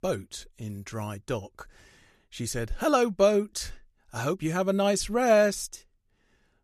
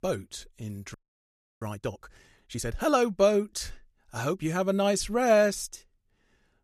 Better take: first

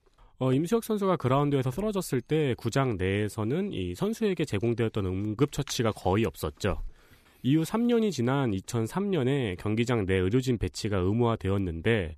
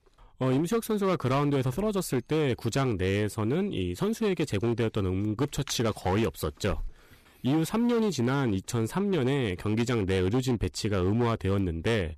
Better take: first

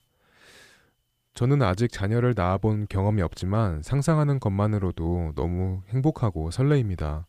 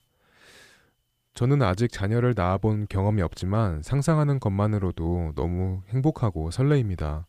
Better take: neither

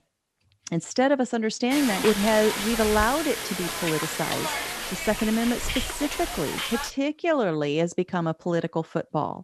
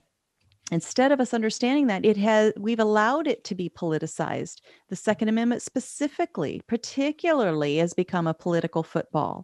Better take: second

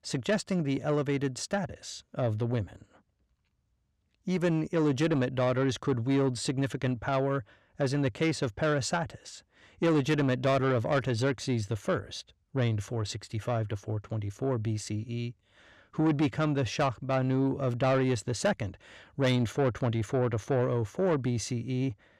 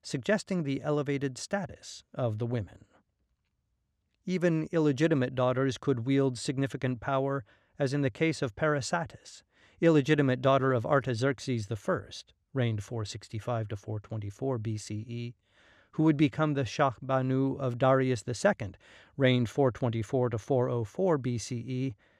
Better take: second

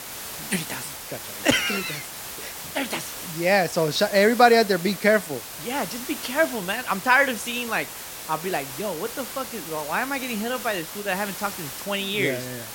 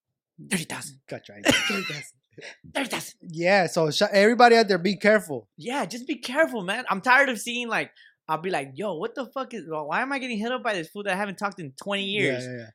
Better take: second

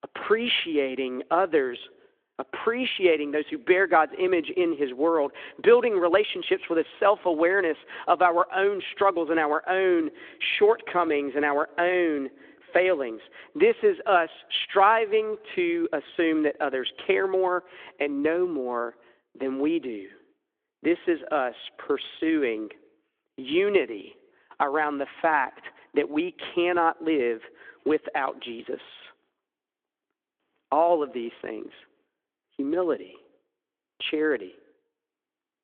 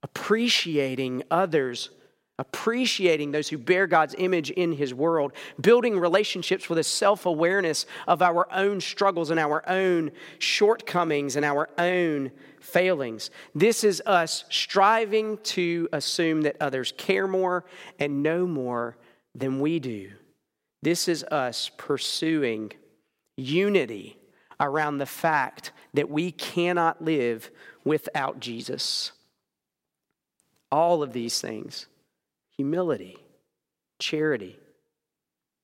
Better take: second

